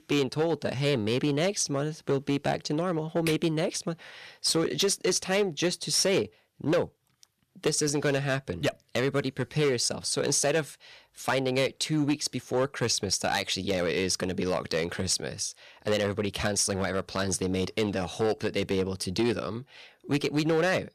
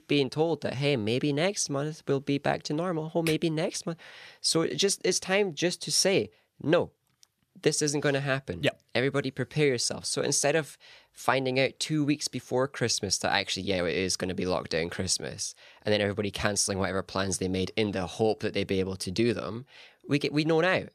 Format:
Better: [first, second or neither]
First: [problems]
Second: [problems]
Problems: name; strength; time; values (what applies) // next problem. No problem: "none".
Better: second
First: distortion; slight; 5% of the sound clipped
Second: none